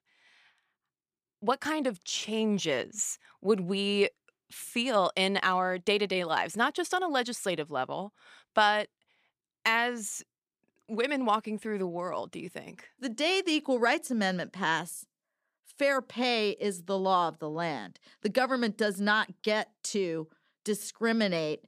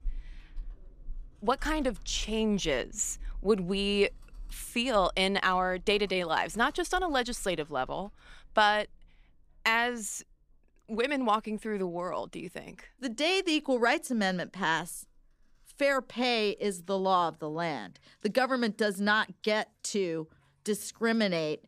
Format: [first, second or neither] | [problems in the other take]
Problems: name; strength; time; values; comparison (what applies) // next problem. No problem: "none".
first | household noises; faint; throughout; 20 dB below the speech